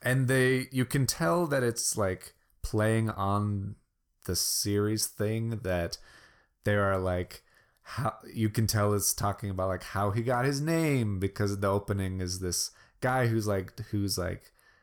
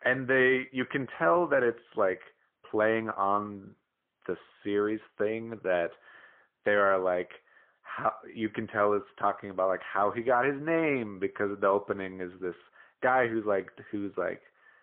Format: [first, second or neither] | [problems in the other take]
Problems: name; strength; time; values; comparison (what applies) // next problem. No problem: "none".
first | phone-call audio; poor line; nothing above 3.5 kHz